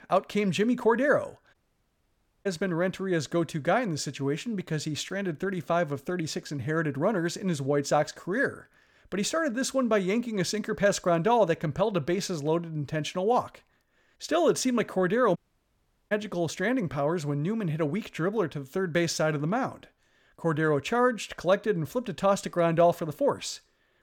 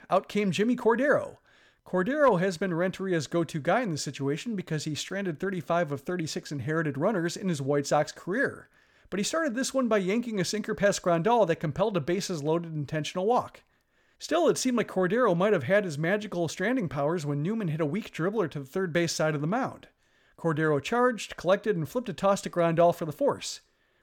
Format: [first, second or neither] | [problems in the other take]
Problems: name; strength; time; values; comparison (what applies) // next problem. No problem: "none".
second | audio cutting out; at 1.5 s for 1 s and at 15 s for 1 s